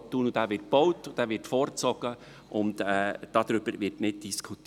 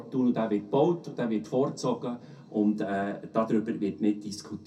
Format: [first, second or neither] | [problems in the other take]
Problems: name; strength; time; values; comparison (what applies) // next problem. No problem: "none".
first | room echo; dies away in 0.3 s